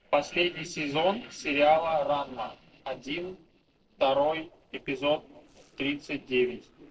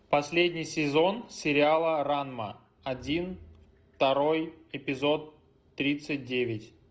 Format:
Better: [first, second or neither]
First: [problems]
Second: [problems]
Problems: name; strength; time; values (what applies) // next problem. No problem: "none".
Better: second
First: noise reduction (neural separator model SepFormer DNS4)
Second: none